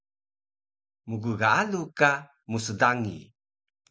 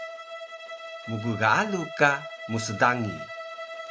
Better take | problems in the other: first | background sound (Bowed string instrument); 10 dB below the speech

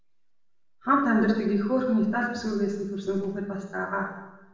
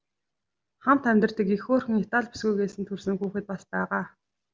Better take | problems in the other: second | room echo; dies away in 0.8 s

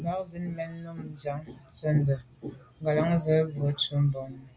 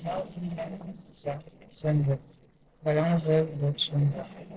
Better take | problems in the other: first | noise reduction (neural separator model SepFormer DNS4)

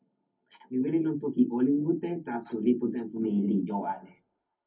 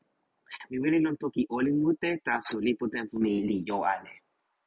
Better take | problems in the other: second | room echo; dies away in 0.3 s

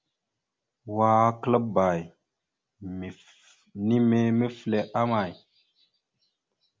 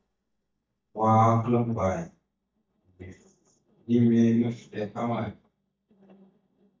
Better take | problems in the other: first | noise reduction (neural mask model DeepFilterNet 3)

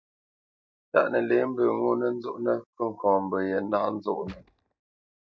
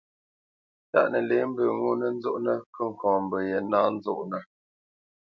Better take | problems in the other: second | noise reduction (neural mask model DeepFilterNet 3)

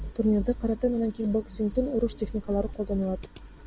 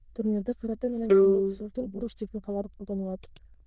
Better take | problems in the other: first | noise reduction (neural diffusion model UNIVERSE++)

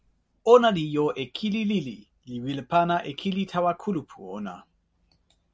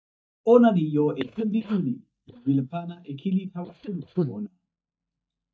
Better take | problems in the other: first | noise reduction (neural mask model DeepFilterNet 3)

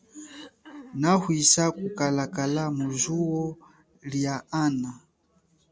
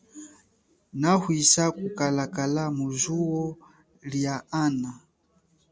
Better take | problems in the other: second | background sound (Cough); 20 dB below the speech

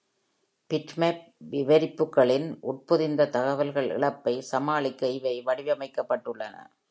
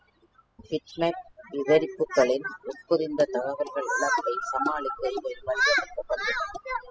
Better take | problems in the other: first | noise reduction (classical method spectral subtraction)

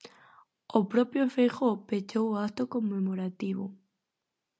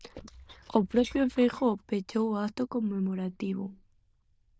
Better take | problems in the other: first | noise reduction (neural diffusion model UNIVERSE++)

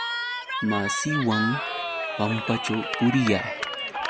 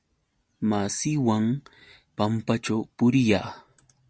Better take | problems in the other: second | background sound (Cheering); 3 dB below the speech

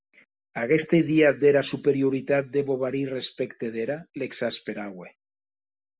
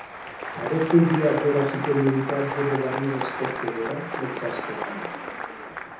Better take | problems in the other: first | background sound (Applause); 6 dB below the speech // room echo; dies away in 0.7 s

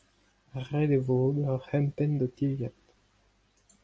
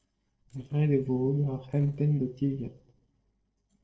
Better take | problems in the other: first | noise reduction (neural separator model SepFormer DNS4)

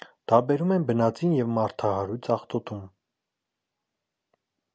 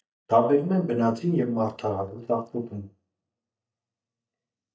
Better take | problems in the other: first | noise reduction (neural mask model DeepFilterNet 3)

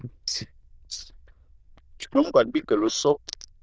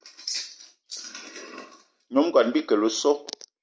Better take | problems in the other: second | noise reduction (neural diffusion model UNIVERSE++)

